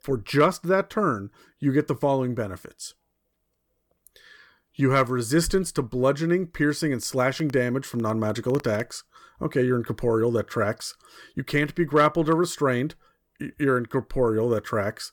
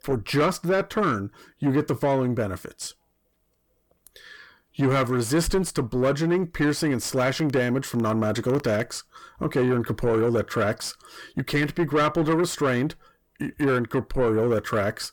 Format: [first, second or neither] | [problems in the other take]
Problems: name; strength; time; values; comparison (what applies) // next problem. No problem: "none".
first | distortion; slight; 10 dB below the speech